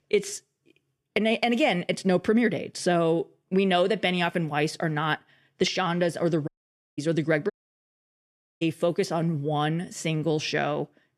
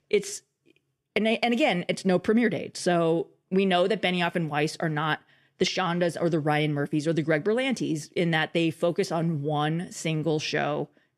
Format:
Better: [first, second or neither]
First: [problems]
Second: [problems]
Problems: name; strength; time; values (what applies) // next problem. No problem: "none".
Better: second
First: audio cutting out; at 6.5 s and at 7.5 s for 1 s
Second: none